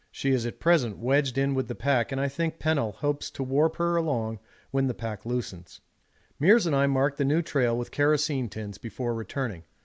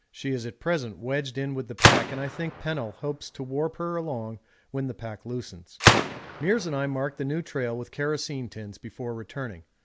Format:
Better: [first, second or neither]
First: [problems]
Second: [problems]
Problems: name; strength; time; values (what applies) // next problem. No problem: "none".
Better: first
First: none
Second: background sound (Gunshot, gunfire); 2 dB above the speech